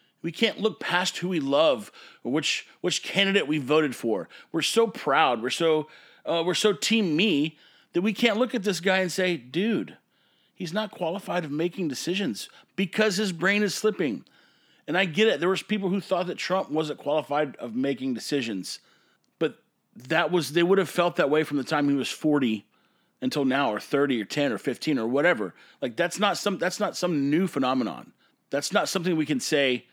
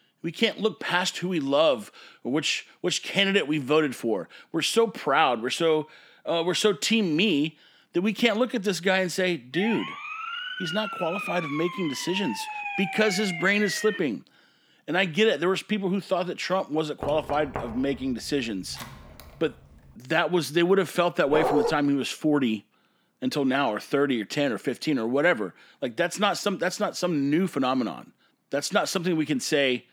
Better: first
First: none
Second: siren; noticeable; from 9.5 to 14 s; peak 5 dB below the speech // door banging; noticeable; from 17 to 19 s; peak 10 dB below the speech // dog barking; loud; at 21 s; peak 1 dB above the speech

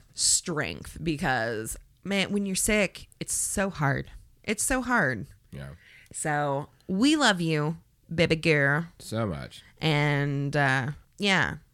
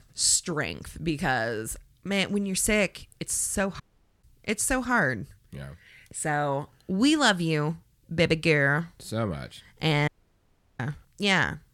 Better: first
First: none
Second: audio cutting out; at 4 s and at 10 s for 0.5 s

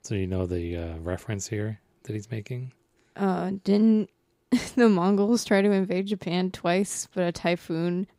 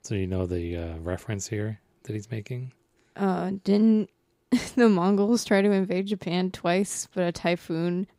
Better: neither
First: none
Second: none

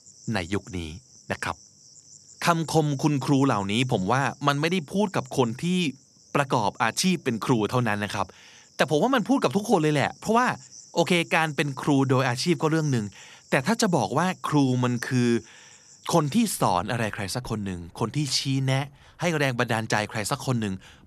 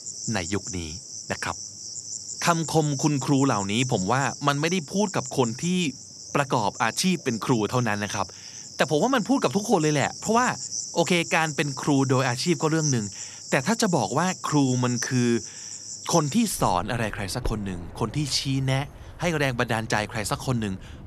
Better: first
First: animal sounds; faint; throughout; 25 dB below the speech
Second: animal sounds; loud; throughout; 10 dB below the speech

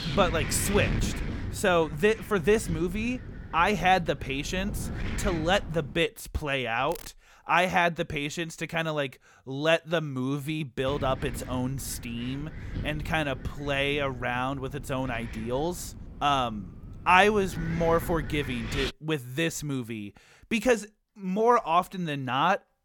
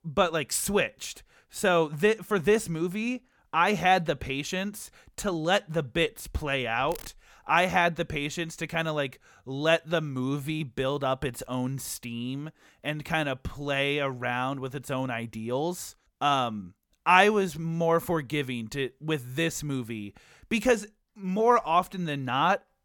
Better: second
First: wind noise on the microphone; occasional gusts; until 6 s and from 11 to 19 s; 15 dB below the speech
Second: none

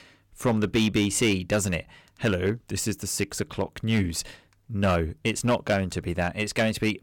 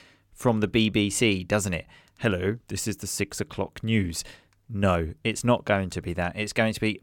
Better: second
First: distortion; slight; 4% of the sound clipped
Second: none

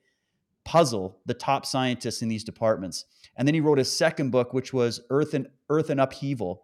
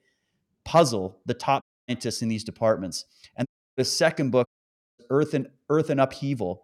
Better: first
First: none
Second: audio cutting out; at 1.5 s, at 3.5 s and at 4.5 s for 0.5 s

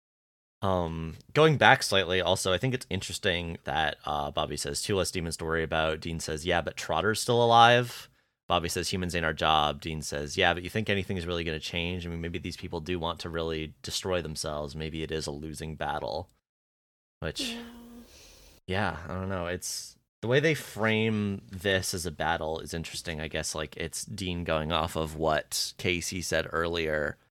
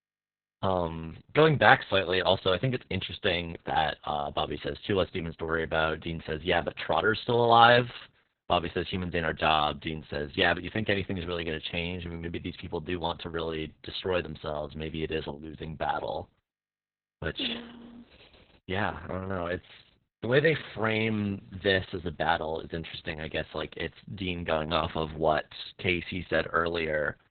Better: first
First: none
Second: garbled, watery; badly; nothing above 4 kHz

